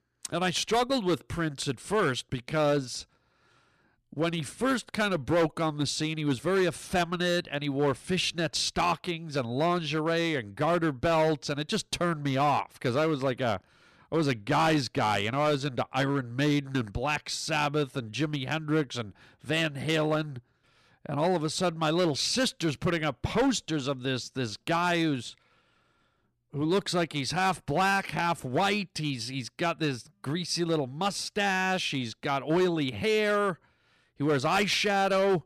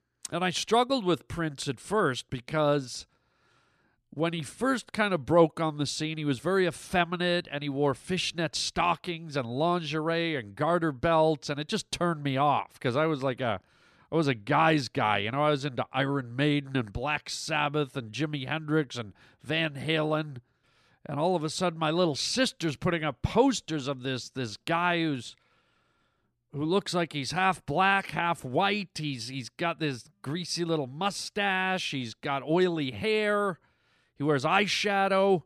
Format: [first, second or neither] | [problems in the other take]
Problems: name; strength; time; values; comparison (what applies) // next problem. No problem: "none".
second | distortion; slight; 6% of the sound clipped